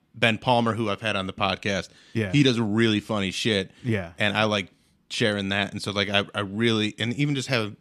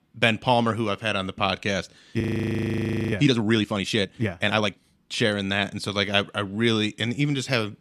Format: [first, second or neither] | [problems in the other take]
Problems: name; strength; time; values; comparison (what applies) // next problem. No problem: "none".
first | audio freezing; at 2 s for 1 s